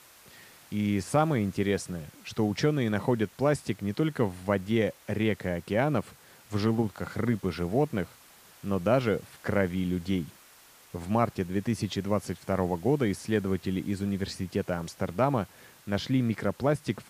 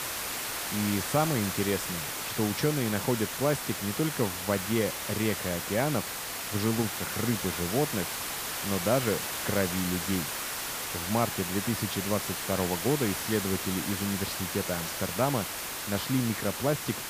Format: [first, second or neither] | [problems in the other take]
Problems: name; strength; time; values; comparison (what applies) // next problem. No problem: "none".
first | hiss; loud; throughout; 2 dB below the speech; faint in the first